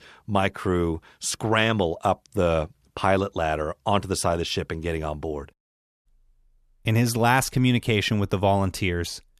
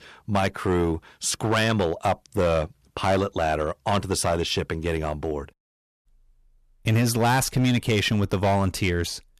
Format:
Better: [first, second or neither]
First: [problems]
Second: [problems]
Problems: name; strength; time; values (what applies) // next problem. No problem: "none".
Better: first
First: none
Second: distortion; slight; 6% of the sound clipped